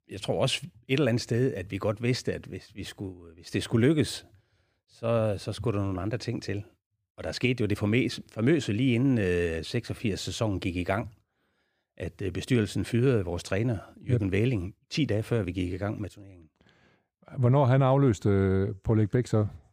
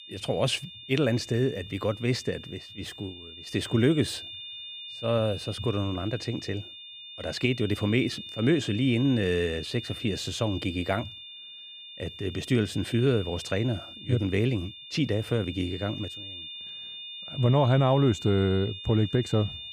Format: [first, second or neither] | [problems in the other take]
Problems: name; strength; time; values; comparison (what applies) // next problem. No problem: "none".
first | high-pitched whine; noticeable; throughout; 3.5 kHz, 10 dB below the speech